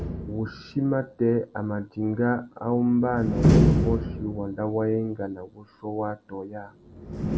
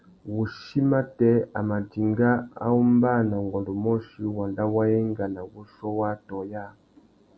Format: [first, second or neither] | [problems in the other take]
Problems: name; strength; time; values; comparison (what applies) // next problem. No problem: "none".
second | background sound (Slam); as loud as the speech